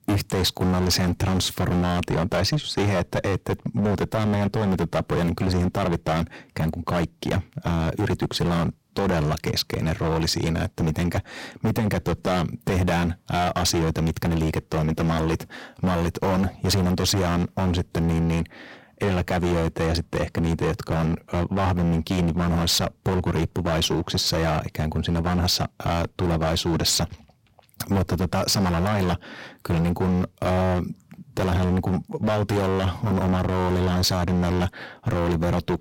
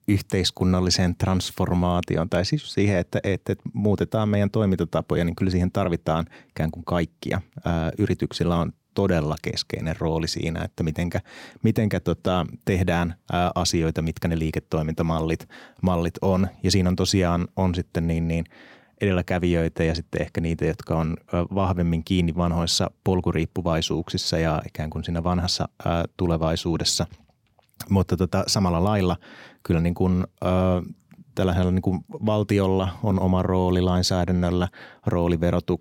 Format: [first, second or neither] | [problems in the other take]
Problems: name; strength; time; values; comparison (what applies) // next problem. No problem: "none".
second | distortion; heavy; 21% of the sound clipped